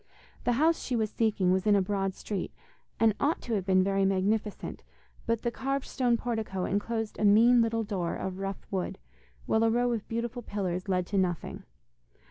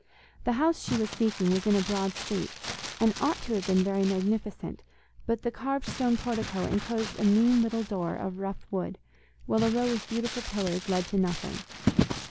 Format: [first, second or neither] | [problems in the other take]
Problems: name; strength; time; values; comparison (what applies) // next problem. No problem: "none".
first | background sound (Crumpling, crinkling); 9 dB below the speech